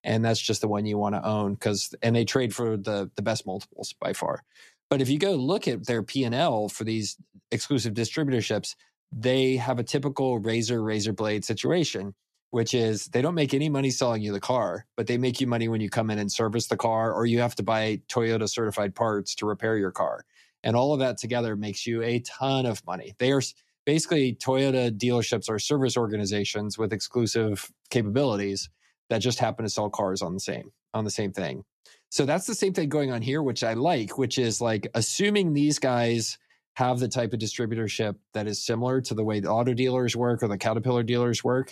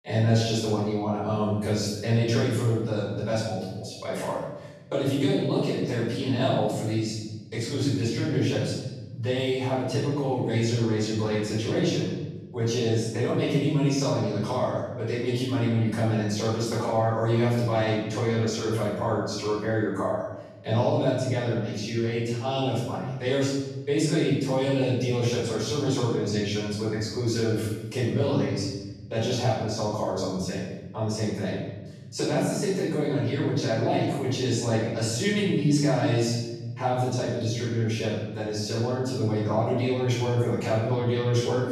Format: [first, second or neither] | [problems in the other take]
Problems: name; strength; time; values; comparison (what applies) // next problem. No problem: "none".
first | room echo; strong; dies away in 1.5 s // off-mic speech; far